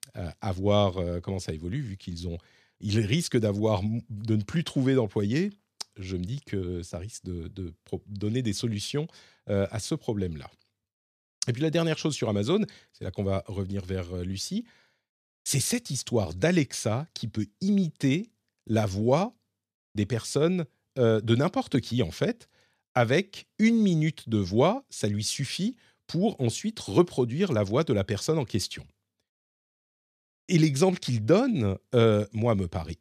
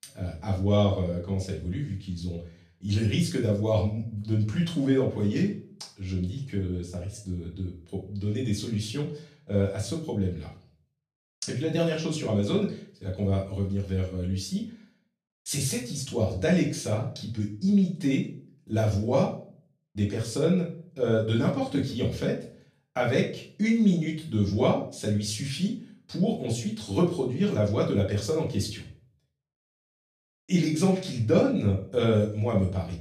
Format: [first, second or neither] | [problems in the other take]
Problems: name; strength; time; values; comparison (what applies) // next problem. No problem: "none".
first | room echo; slight; dies away in 0.4 s // off-mic speech; far